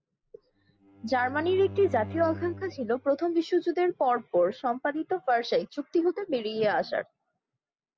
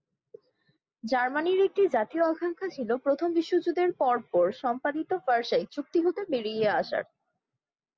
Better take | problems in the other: second | background sound (Bowed string instrument); 14 dB below the speech

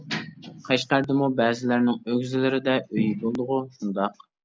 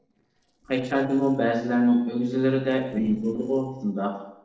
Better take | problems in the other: first | noise reduction (neural separator model SepFormer DNS4)

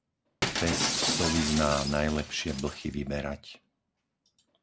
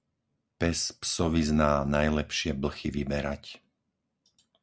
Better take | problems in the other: second | background sound (Shatter); 3 dB below the speech

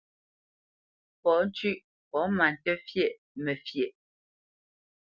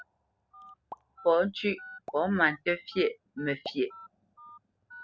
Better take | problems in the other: first | background sound (Explosion + Telephone); 18 dB below the speech

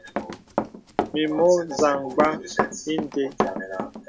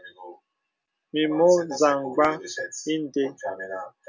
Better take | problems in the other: second | background sound (Run); 5 dB below the speech

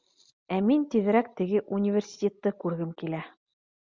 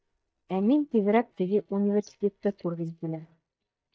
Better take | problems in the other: first | noise reduction (neural mask model DeepFilterNet 3)

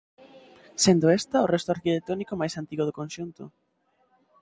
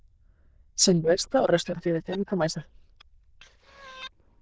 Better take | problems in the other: first | noise reduction (neural diffusion model UNIVERSE++)

